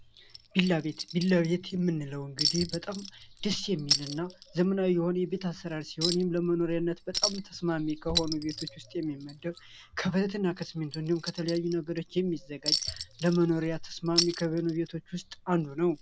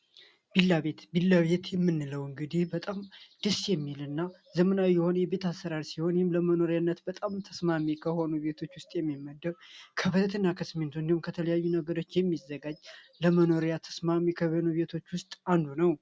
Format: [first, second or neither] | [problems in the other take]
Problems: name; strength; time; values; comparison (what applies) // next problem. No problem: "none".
second | background sound (Chink, clink); 7 dB below the speech